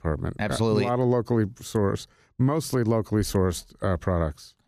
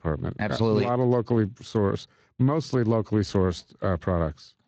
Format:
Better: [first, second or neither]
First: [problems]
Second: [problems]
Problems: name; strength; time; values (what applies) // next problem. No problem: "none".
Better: first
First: none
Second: garbled, watery; slightly; nothing above 7.5 kHz